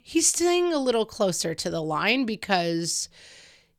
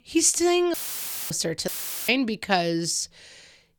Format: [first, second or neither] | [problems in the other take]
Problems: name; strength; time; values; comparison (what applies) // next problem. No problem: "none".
first | audio cutting out; filled with static; at 0.5 s for 0.5 s and at 1.5 s